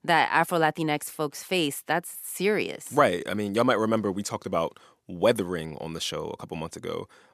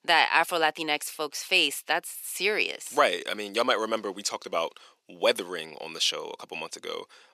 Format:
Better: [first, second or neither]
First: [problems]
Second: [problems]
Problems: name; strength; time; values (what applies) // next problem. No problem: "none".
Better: first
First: none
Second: thin; somewhat; fading below 400 Hz